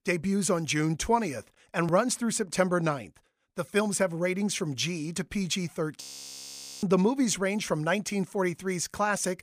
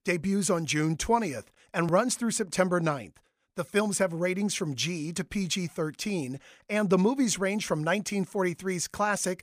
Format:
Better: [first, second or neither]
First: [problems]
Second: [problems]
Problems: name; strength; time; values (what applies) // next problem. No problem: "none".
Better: second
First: audio freezing; at 6 s for 1 s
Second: none